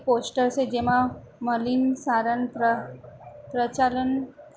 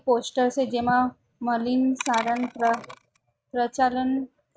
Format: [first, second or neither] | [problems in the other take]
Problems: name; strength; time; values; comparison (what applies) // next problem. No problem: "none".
first | noise reduction (neural mask model RNNoise)